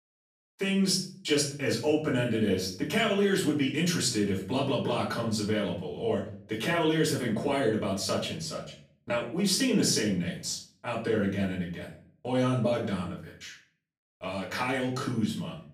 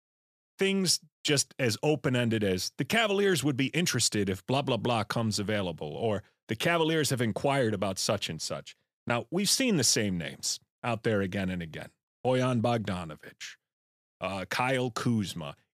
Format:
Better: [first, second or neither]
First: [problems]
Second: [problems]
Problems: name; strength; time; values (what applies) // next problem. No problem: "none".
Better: second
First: room echo; slight; dies away in 0.4 s // off-mic speech; far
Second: none